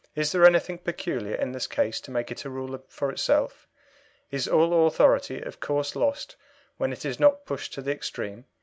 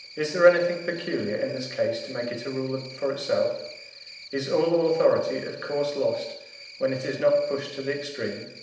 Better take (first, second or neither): first